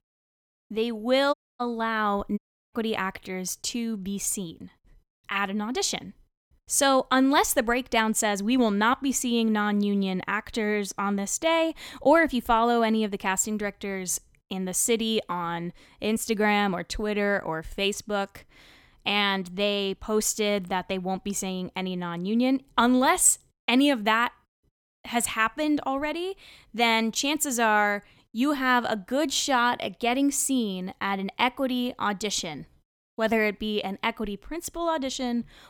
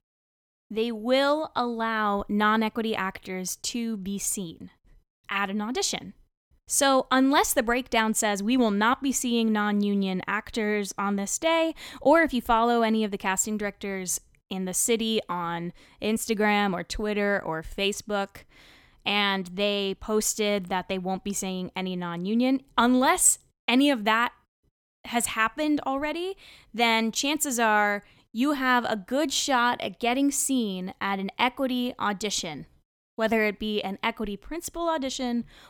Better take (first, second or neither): second